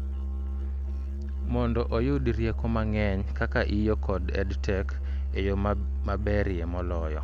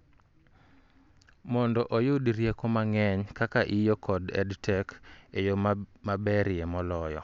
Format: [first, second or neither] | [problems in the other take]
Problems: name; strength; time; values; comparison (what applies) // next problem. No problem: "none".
second | background sound (Musical instrument); as loud as the speech